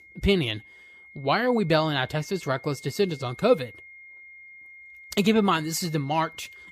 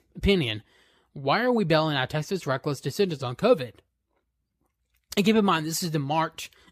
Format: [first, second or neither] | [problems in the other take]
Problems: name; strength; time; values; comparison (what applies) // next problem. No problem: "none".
second | high-pitched whine; faint; throughout; 2 kHz, 20 dB below the speech